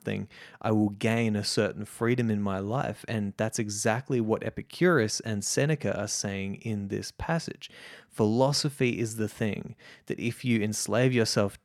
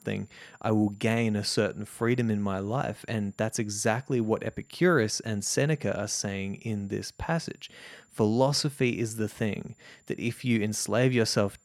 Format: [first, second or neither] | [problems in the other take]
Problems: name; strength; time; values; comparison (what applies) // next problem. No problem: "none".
first | high-pitched whine; faint; throughout; 7 kHz, 35 dB below the speech